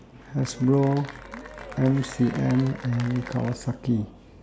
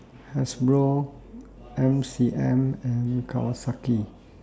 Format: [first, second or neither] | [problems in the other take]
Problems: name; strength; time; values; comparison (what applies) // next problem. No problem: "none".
second | background sound (Applause / Cheering); 16 dB below the speech